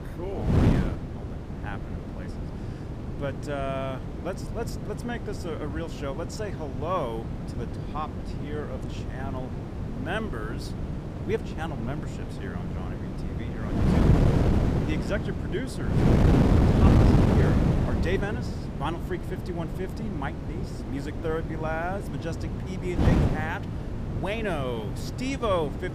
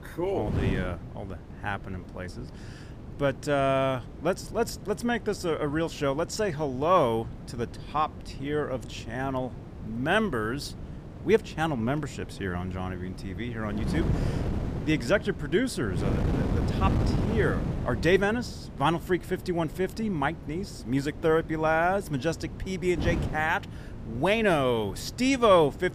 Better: second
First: wind noise on the microphone; heavy; as loud as the speech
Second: wind noise on the microphone; occasional gusts; 15 dB below the speech

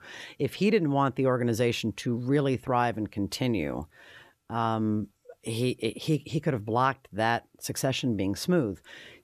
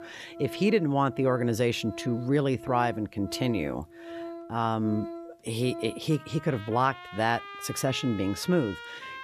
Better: first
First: none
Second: background music; noticeable; throughout; 15 dB below the speech

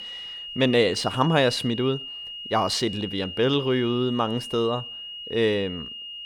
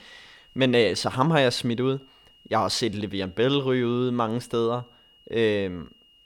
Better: second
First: high-pitched whine; loud; throughout; 3 kHz, 10 dB below the speech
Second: high-pitched whine; faint; throughout; 3 kHz, 30 dB below the speech

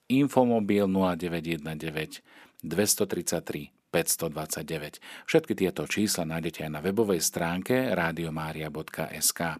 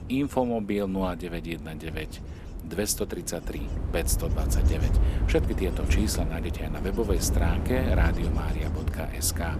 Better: first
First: none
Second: wind noise on the microphone; heavy; 9 dB below the speech

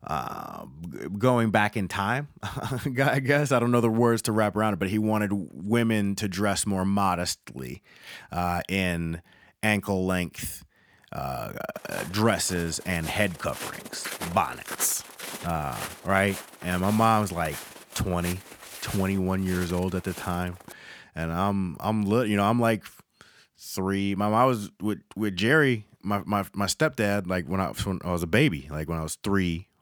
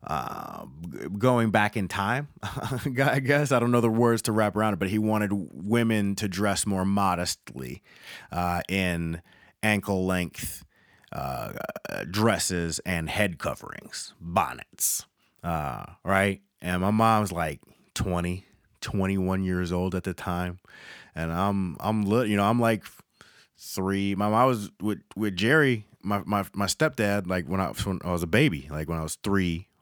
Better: second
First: footsteps; noticeable; from 12 to 21 s; peak 8 dB below the speech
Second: none

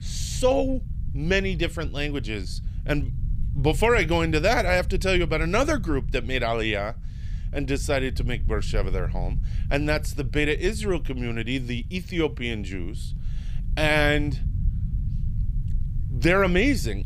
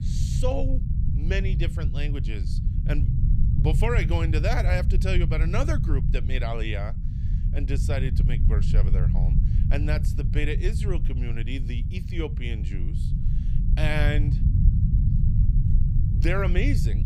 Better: first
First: low rumble; faint; throughout; 20 dB below the speech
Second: low rumble; loud; throughout; 7 dB below the speech

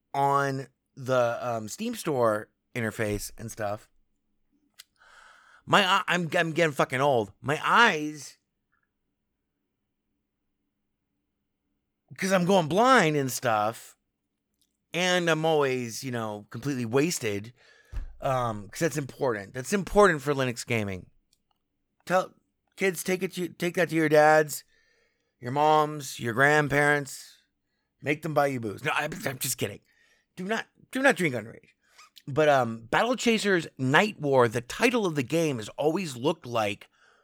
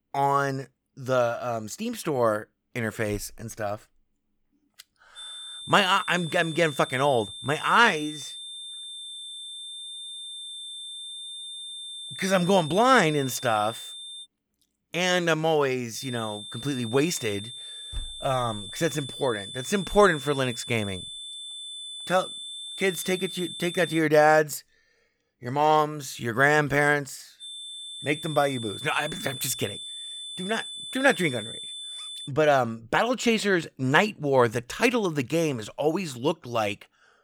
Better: first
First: none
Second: high-pitched whine; noticeable; from 5 to 14 s, from 16 to 24 s and from 27 to 32 s; 3.5 kHz, 10 dB below the speech

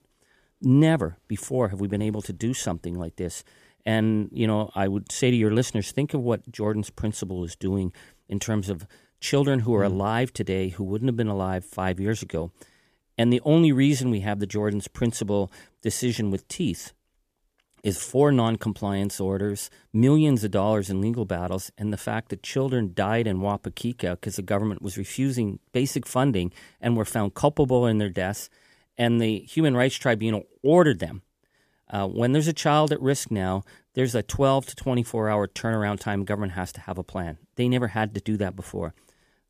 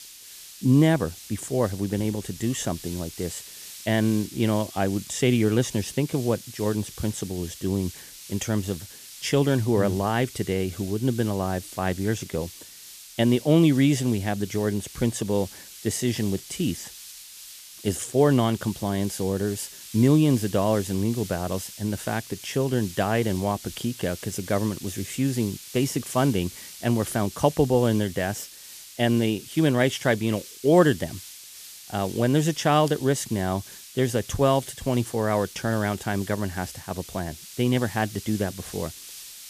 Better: first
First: none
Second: hiss; noticeable; throughout; 15 dB below the speech

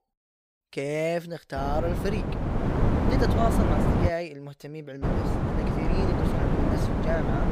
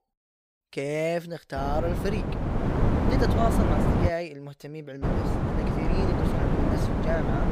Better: neither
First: wind noise on the microphone; heavy; from 1.5 to 4 s and from 5 s on; 1 dB above the speech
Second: wind noise on the microphone; heavy; from 1.5 to 4 s and from 5 s on; 1 dB above the speech

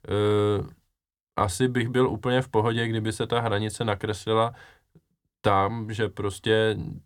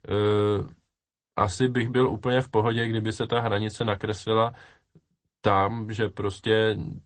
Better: first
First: none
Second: garbled, watery; slightly; nothing above 8.5 kHz

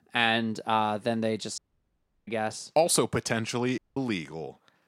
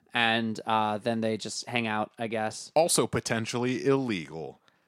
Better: second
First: audio cutting out; at 1.5 s for 0.5 s and at 4 s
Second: none

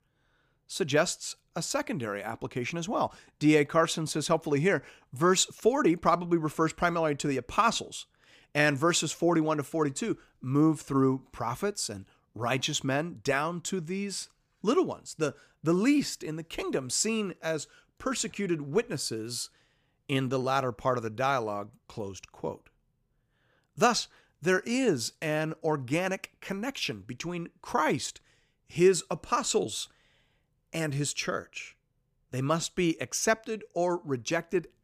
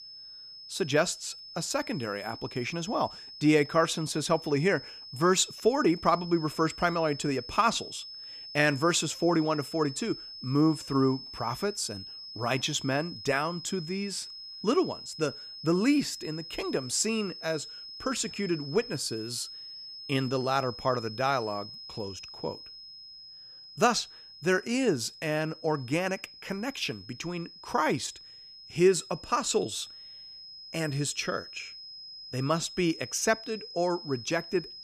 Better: first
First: none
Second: high-pitched whine; noticeable; throughout; 5 kHz, 15 dB below the speech

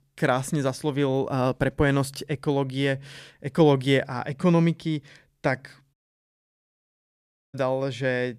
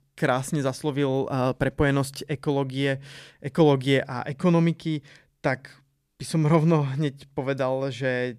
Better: second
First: audio cutting out; at 6 s for 1.5 s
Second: none

